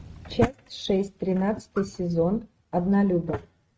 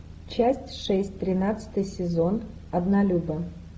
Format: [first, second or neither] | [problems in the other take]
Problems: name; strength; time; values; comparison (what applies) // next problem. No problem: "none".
second | noise reduction (neural mask model RNNoise)